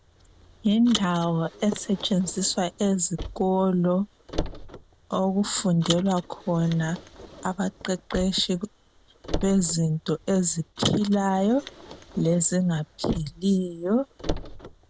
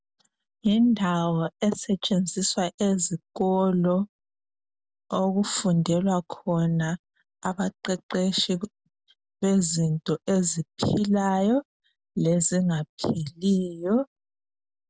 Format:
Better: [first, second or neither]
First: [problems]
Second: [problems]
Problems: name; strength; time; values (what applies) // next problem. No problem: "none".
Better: second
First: background sound (Car); 12 dB below the speech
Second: none